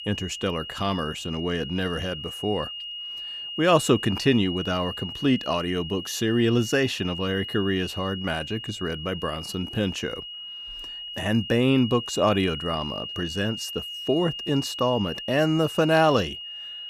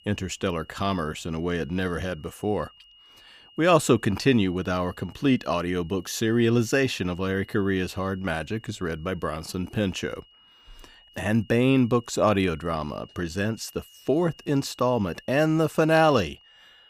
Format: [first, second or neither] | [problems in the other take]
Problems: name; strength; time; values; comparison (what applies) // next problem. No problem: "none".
second | high-pitched whine; loud; throughout; 3 kHz, 8 dB below the speech; faint in the second